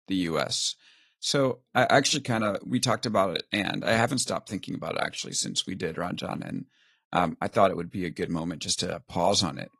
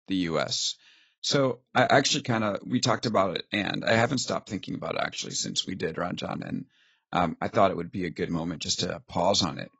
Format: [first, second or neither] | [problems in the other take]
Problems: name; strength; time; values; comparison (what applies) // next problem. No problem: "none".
first | garbled, watery; badly; nothing above 7.5 kHz; slightly in the first